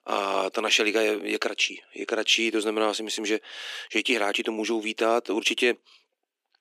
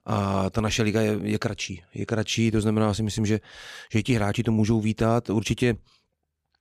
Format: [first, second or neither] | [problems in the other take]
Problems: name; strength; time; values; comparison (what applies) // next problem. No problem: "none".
second | thin; very; fading below 300 Hz